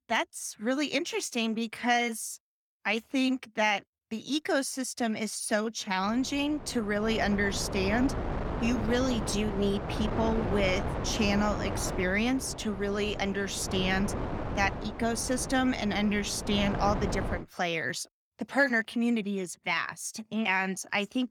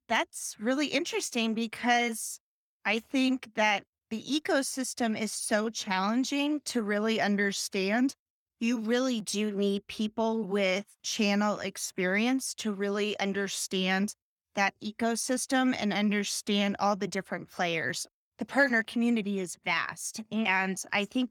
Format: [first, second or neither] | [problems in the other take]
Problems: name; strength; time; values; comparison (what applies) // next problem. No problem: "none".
second | wind noise on the microphone; heavy; from 6 to 17 s; 8 dB below the speech